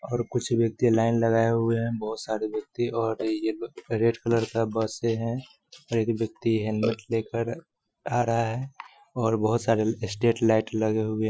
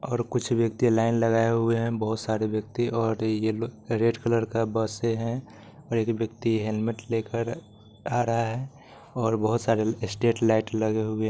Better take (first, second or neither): second